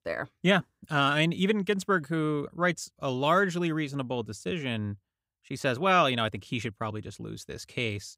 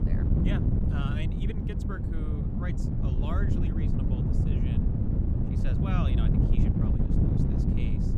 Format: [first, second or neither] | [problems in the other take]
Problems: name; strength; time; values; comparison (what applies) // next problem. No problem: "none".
first | wind noise on the microphone; heavy; 4 dB above the speech